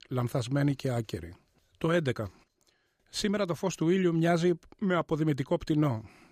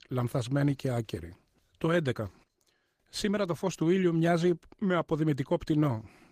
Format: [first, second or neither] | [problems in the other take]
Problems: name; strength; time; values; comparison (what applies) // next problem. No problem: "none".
first | garbled, watery; slightly; nothing above 15 kHz